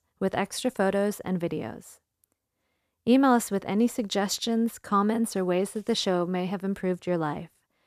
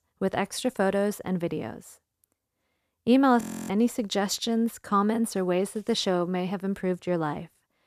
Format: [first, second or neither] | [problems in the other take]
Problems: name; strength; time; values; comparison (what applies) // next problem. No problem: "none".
first | audio freezing; at 3.5 s